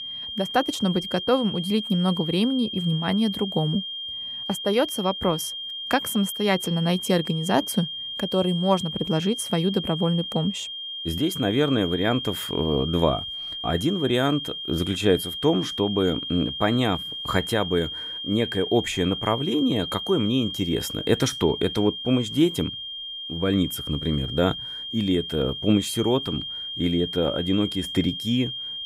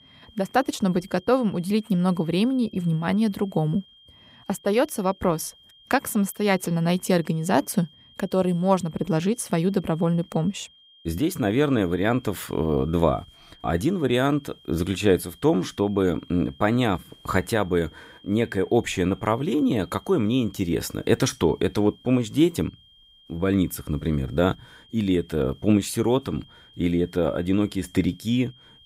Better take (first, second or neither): second